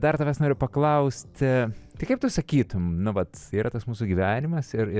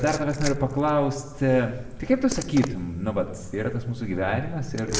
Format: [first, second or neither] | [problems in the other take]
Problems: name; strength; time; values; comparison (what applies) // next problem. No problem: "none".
first | background sound (Liquid); 11 dB below the speech // room echo; dies away in 1.6 s